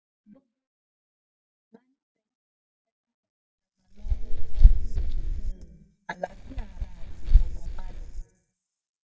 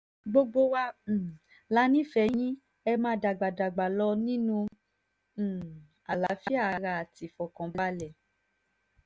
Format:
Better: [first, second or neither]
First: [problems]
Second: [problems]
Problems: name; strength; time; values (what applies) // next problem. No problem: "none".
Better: second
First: noise reduction (neural mask model DeepFilterNet 3)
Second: none